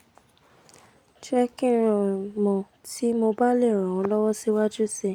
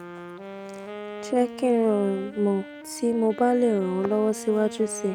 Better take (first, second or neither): first